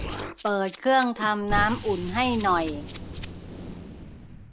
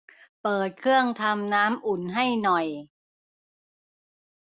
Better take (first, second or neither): second